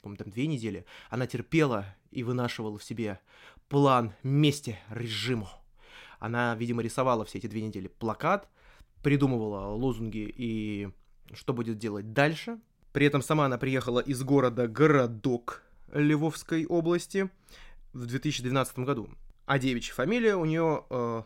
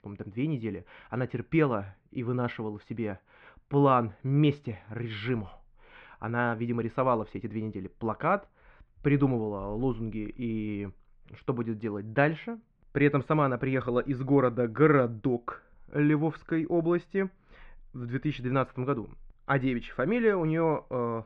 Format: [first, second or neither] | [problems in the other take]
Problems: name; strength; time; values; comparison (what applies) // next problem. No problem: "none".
first | muffled; very; fading above 2.5 kHz